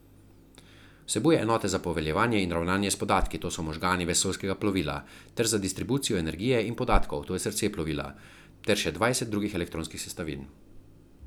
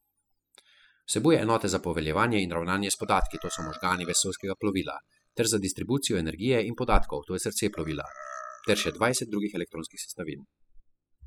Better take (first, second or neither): first